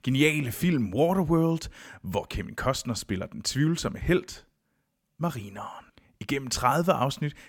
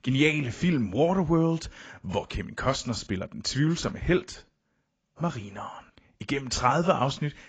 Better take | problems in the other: first | garbled, watery; badly; nothing above 7.5 kHz

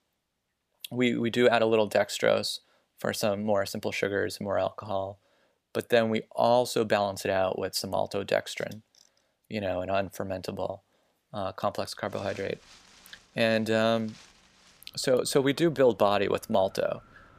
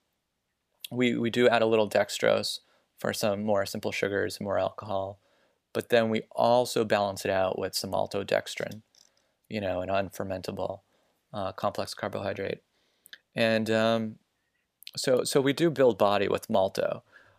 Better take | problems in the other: second | wind in the background; faint; from 12 s on; 25 dB below the speech

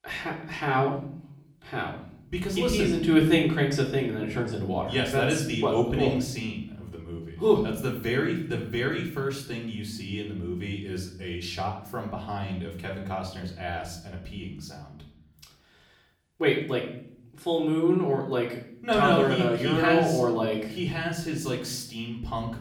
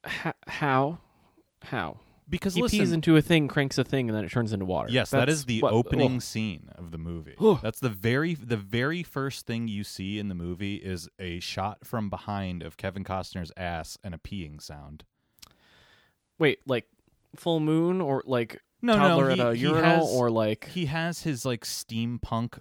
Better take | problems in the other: second | off-mic speech; far // room echo; slight; dies away in 0.6 s

